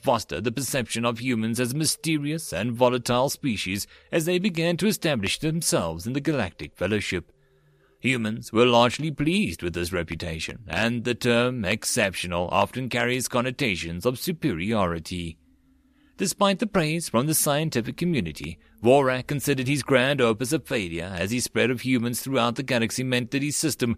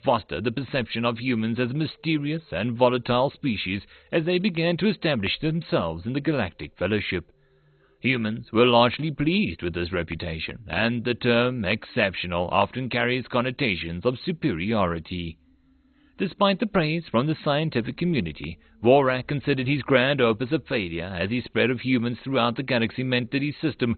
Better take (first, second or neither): first